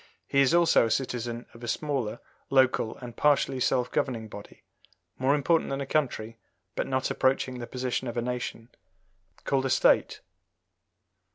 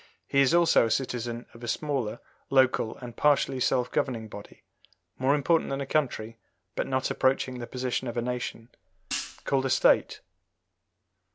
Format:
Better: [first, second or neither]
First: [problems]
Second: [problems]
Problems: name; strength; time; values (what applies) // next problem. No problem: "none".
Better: first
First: none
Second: background sound (Hi-hat); 10 dB below the speech